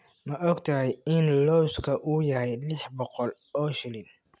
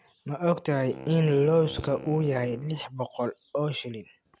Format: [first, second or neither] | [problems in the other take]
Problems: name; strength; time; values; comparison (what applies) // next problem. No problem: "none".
first | background sound (Wind instrument, woodwind instrument); 17 dB below the speech